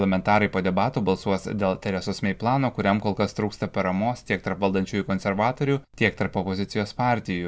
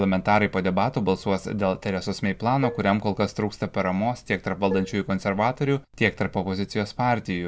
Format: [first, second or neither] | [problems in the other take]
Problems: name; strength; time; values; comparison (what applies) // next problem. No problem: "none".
first | background sound (Dishes, pots, and pans); 12 dB below the speech